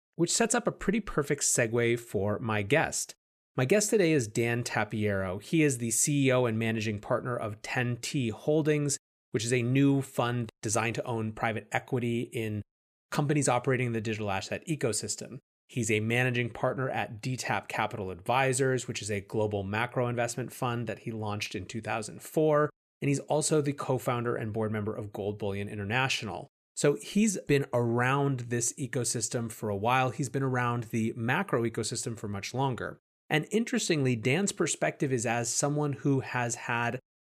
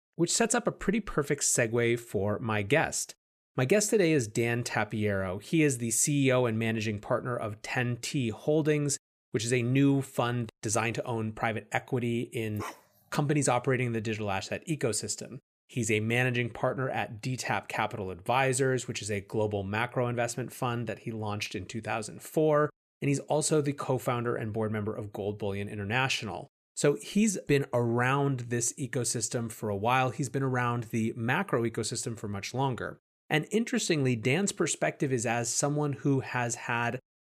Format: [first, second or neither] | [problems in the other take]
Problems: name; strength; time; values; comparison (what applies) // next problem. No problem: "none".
first | dog barking; faint; at 13 s; peak 10 dB below the speech